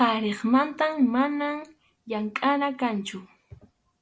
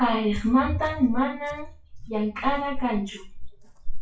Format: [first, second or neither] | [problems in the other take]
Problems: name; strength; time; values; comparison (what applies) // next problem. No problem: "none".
first | noise reduction (classical method WPE with log-MMSE)